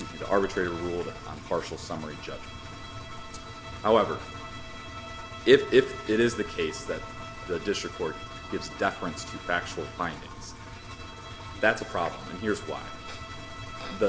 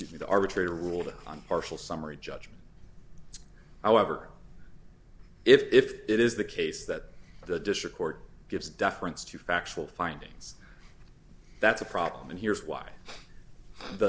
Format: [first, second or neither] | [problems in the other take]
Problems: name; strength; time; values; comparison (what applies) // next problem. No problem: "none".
second | background sound (Engine + Bowed string instrument); 11 dB below the speech